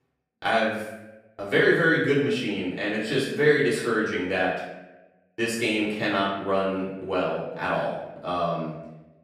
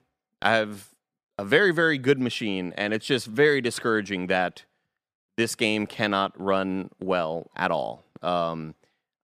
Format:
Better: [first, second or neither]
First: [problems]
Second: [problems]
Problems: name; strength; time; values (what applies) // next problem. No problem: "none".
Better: second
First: off-mic speech; far // room echo; noticeable; dies away in 0.8 s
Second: none